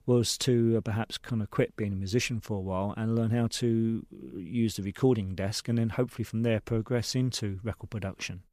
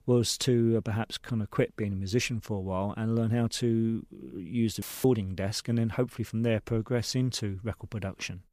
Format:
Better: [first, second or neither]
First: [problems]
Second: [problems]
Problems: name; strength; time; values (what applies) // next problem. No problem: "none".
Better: first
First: none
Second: audio cutting out; filled with static; at 5 s